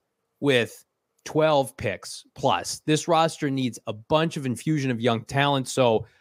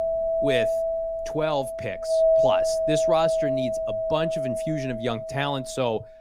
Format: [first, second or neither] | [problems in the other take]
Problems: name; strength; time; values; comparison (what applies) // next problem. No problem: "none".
first | household noises; very loud; throughout; 4 dB above the speech